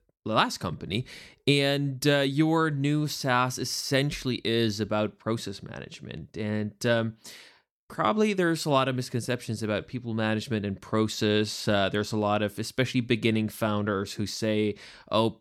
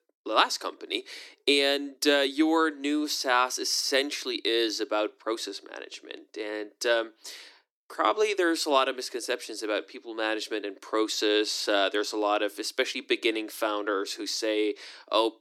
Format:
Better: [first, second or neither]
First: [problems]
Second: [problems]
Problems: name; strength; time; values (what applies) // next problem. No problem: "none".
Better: first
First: none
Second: thin; somewhat; fading below 300 Hz